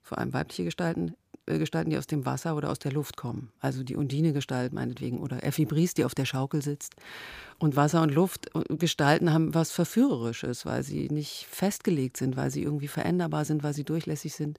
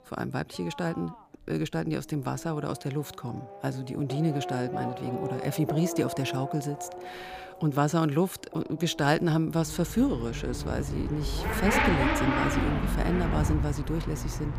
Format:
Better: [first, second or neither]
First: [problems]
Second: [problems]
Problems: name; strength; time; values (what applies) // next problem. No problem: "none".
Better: first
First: none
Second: traffic noise; loud; throughout; 2 dB below the speech